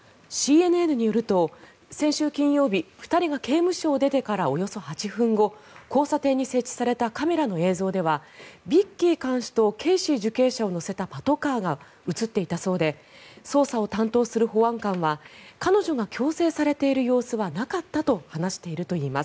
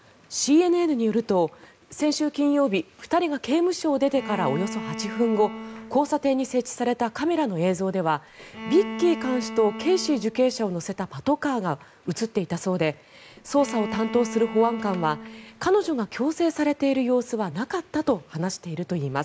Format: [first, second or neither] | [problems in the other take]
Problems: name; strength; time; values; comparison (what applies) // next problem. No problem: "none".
first | background sound (Bowed string instrument); 11 dB below the speech